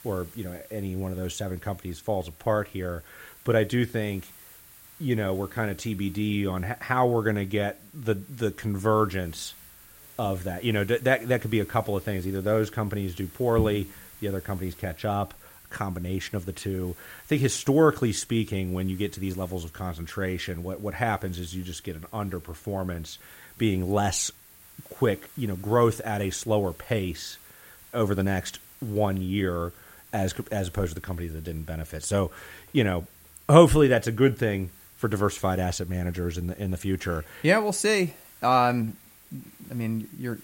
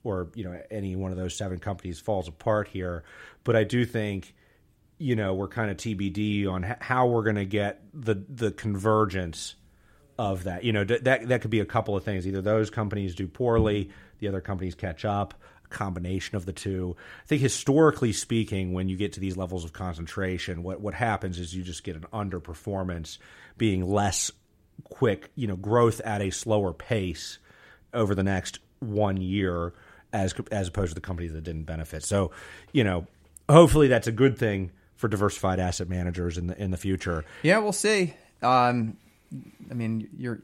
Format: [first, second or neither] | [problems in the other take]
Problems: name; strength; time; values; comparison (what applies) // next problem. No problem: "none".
second | hiss; faint; throughout; 20 dB below the speech